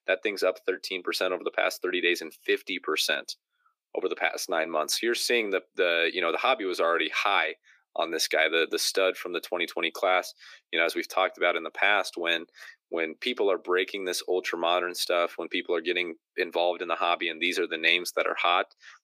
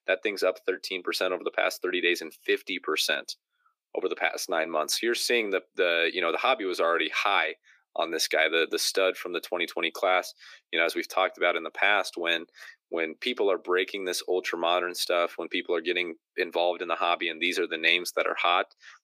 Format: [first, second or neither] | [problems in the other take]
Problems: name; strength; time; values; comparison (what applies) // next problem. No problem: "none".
neither | thin; very; fading below 300 Hz; the same in both